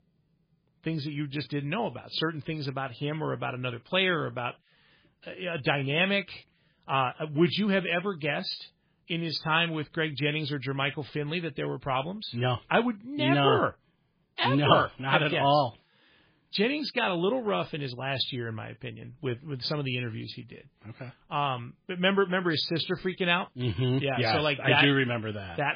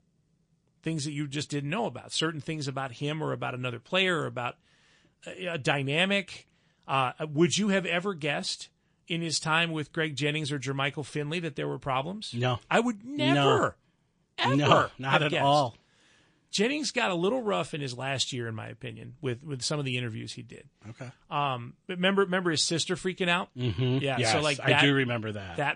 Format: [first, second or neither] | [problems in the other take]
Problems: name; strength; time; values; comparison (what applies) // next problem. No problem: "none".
second | garbled, watery; badly; slightly in the second